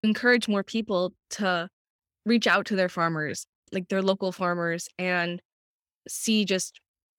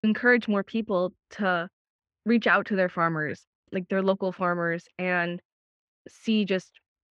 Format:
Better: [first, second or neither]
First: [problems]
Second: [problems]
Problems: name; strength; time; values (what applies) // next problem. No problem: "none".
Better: first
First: none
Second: muffled; very; fading above 2 kHz